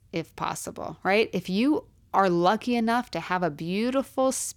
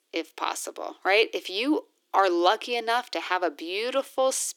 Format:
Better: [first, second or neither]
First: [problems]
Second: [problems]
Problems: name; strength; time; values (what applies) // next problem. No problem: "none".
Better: first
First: none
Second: thin; somewhat; fading below 300 Hz